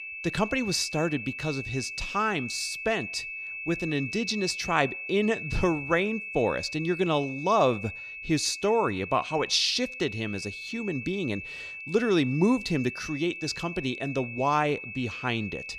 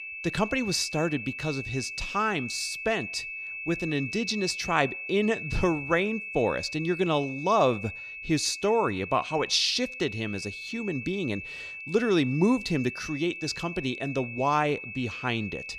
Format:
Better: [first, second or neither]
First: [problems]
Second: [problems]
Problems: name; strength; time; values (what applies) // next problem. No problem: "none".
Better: neither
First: high-pitched whine; loud; throughout; 2.5 kHz, 8 dB below the speech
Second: high-pitched whine; loud; throughout; 2.5 kHz, 8 dB below the speech